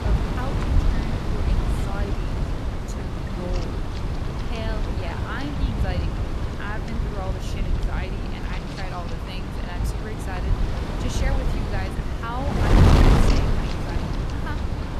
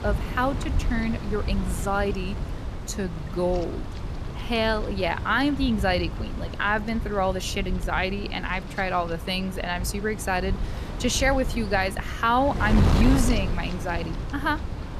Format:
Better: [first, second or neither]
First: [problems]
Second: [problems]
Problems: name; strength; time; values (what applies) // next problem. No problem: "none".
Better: second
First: wind noise on the microphone; heavy; 4 dB above the speech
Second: wind noise on the microphone; occasional gusts; 10 dB below the speech